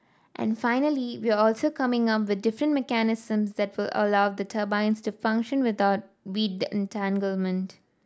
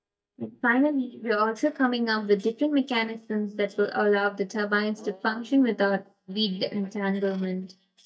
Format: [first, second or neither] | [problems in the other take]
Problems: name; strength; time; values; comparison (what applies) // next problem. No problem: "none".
first | noise reduction (neural mask model DeepFilterNet 3)